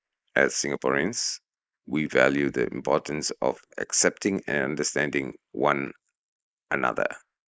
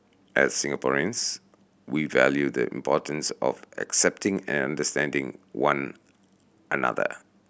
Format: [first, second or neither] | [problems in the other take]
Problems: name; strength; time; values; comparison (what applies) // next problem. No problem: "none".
second | noise reduction (neural mask model Resemble Enhance denoiser)